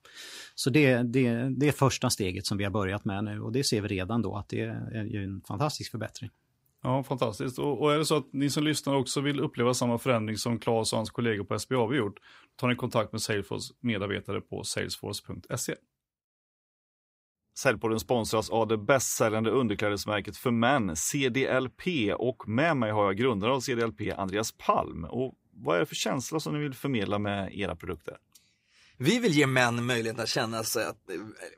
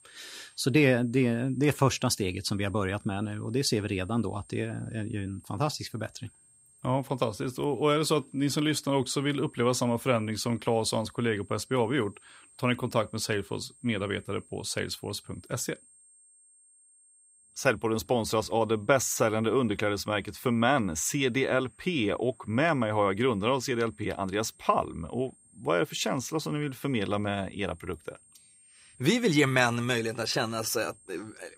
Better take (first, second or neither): first